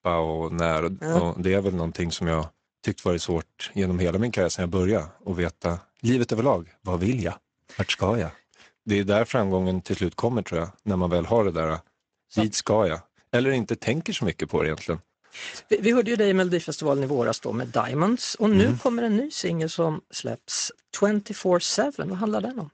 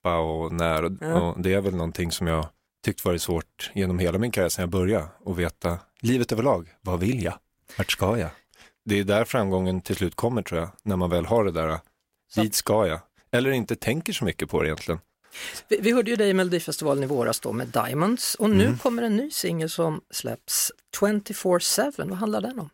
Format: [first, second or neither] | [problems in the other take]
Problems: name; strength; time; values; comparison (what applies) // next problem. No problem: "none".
second | garbled, watery; slightly; nothing above 8 kHz